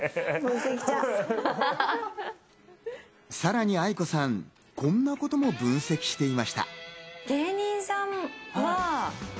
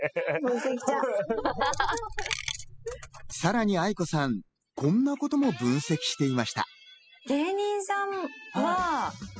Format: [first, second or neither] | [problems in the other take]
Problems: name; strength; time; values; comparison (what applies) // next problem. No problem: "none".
first | noise reduction (classical method spectral subtraction)